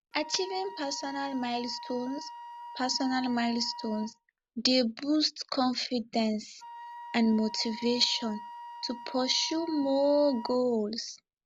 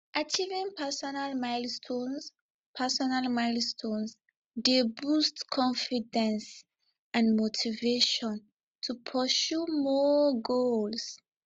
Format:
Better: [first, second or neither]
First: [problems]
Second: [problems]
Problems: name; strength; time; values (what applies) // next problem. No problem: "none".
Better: second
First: background sound (Wind instrument, woodwind instrument); 14 dB below the speech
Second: none